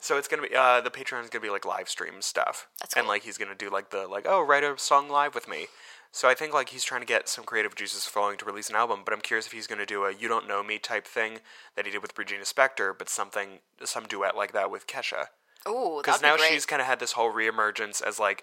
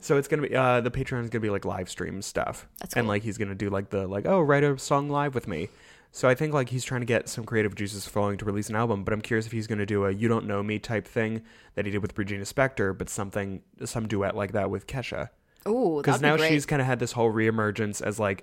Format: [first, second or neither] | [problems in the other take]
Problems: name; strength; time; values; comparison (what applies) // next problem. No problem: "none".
second | thin; very; fading below 800 Hz